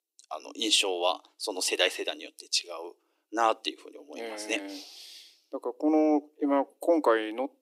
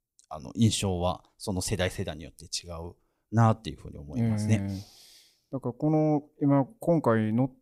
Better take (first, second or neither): second